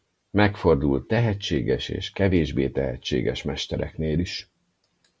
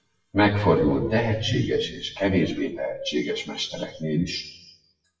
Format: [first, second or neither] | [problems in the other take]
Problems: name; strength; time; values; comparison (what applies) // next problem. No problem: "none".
first | noise reduction (classical method WPE with log-MMSE)